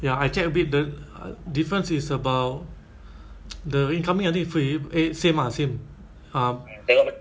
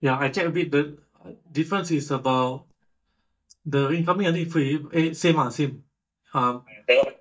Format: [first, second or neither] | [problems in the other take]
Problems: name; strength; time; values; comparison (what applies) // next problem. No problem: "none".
first | noise reduction (neural mask model DeepFilterNet 3)